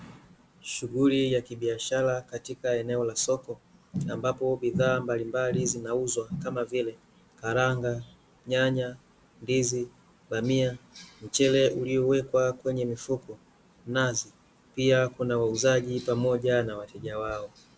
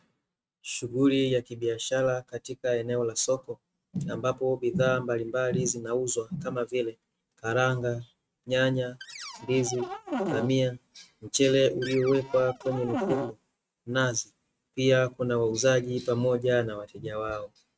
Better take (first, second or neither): first